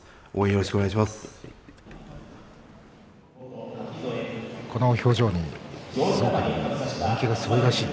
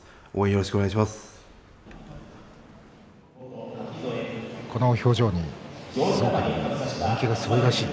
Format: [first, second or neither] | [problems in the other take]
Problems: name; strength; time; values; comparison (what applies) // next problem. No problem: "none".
second | background sound (Gurgling / Liquid); 17 dB below the speech